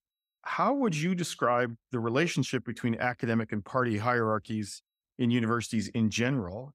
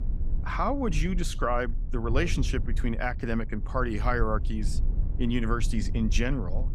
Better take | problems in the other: first | low rumble; noticeable; throughout; 20 dB below the speech

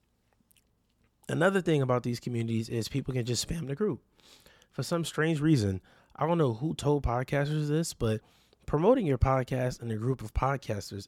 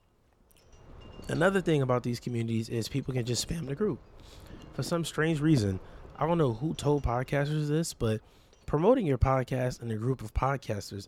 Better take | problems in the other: first | wind noise on the microphone; occasional gusts; 25 dB below the speech

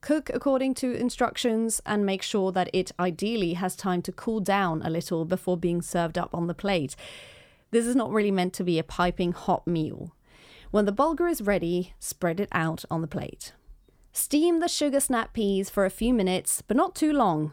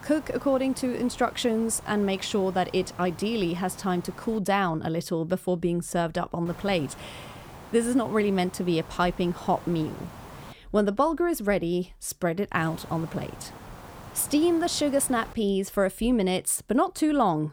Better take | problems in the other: first | hiss; noticeable; until 4.5 s, from 6.5 to 11 s and from 13 to 15 s; 20 dB below the speech

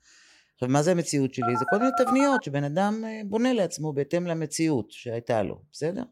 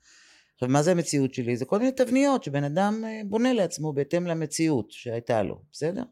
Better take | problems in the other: second | phone ringing; noticeable; at 1.5 s; peak 1 dB below the speech

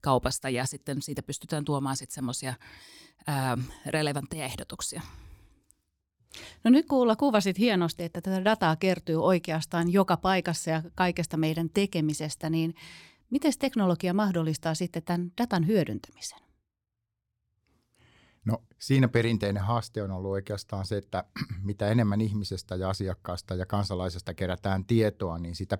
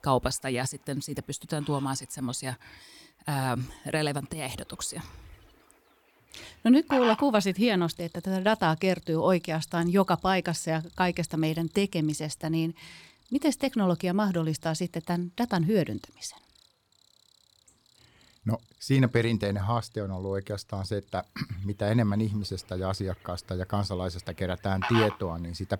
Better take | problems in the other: first | animal sounds; loud; throughout; 6 dB below the speech

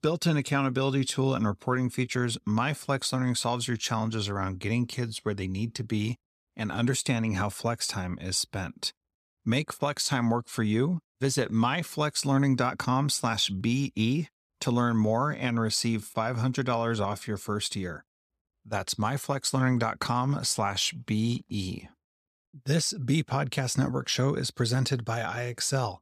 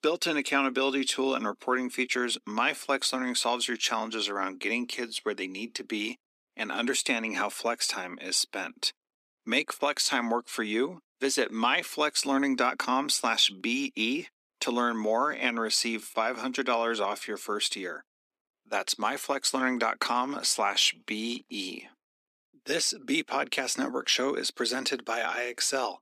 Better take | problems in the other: first | thin; somewhat; fading below 250 Hz

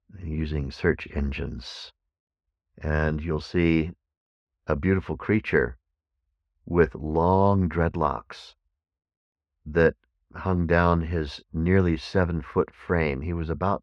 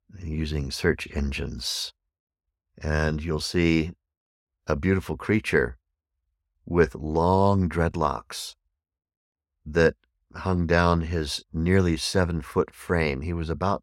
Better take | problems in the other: second | muffled; slightly; fading above 2.5 kHz

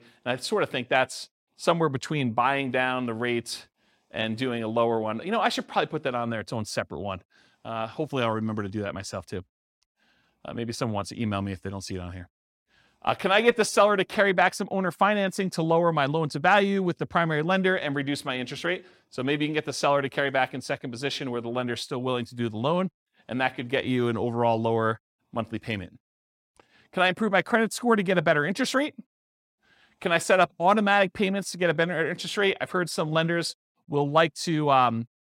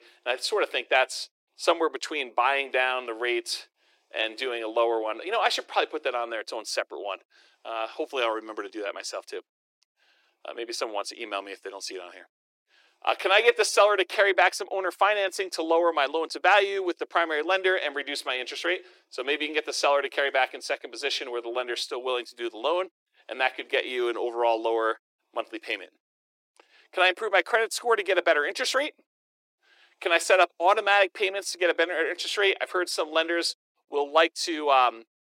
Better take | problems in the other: first | thin; very; fading below 350 Hz

